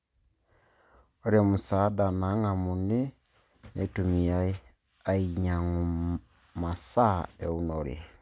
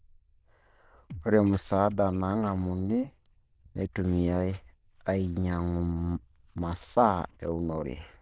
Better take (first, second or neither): first